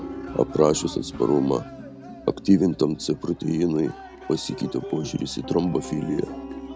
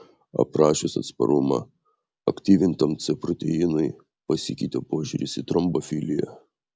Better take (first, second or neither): second